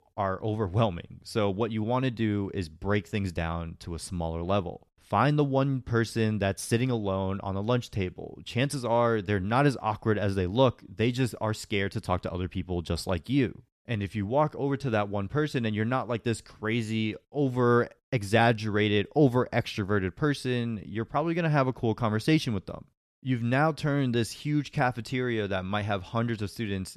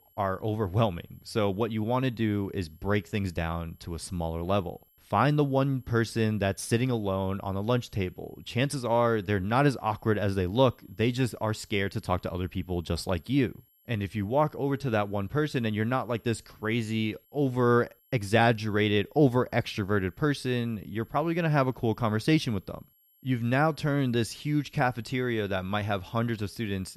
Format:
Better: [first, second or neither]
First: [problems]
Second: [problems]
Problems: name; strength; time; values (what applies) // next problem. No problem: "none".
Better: first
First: none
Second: high-pitched whine; faint; throughout; 11.5 kHz, 35 dB below the speech